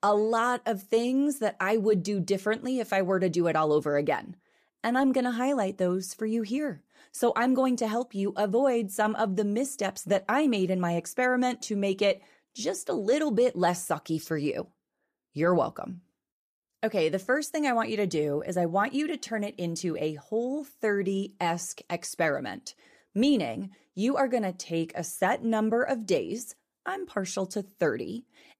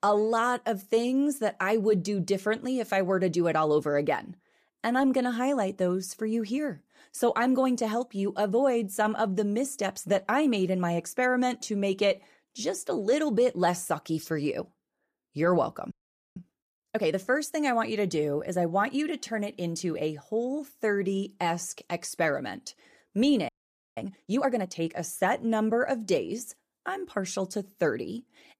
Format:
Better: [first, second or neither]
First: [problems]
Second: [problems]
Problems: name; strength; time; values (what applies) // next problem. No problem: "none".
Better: first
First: none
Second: audio freezing; at 16 s and at 23 s